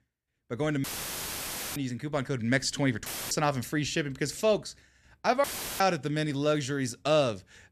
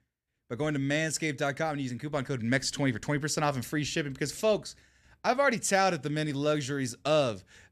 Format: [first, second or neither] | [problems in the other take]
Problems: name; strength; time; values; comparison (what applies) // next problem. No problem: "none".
second | audio cutting out; filled with static; at 1 s for 1 s, at 3 s and at 5.5 s